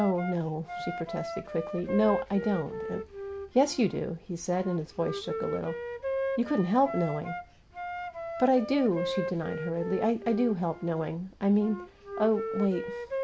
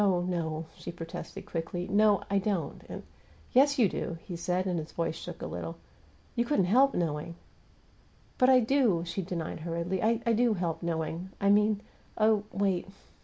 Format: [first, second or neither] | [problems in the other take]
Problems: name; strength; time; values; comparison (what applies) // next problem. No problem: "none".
second | background sound (Wind instrument, woodwind instrument); 7 dB below the speech